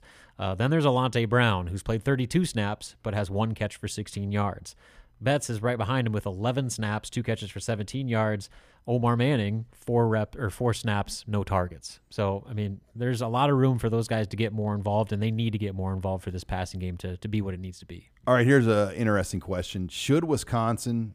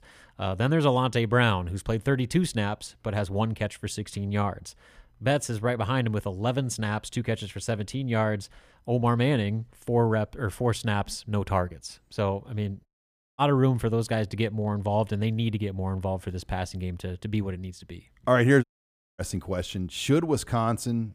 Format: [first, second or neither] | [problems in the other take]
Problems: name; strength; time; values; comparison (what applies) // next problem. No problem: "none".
first | audio cutting out; at 13 s for 0.5 s and at 19 s for 0.5 s